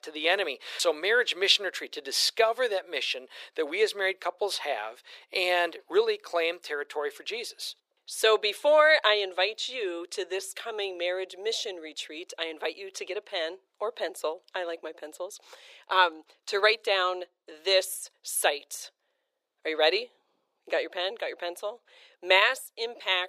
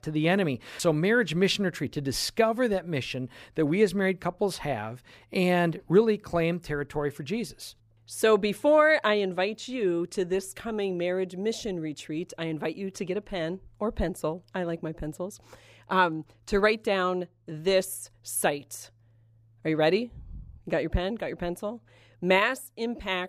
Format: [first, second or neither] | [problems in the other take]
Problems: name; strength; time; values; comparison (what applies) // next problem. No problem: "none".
second | thin; very; fading below 400 Hz